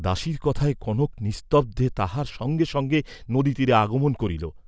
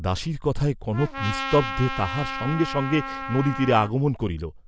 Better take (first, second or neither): first